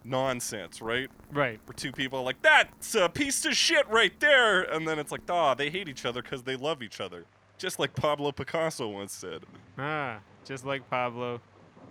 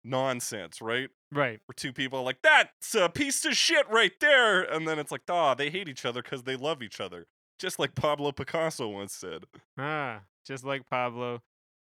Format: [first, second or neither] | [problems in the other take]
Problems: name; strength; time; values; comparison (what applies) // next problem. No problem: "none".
second | rain or running water; faint; throughout; 30 dB below the speech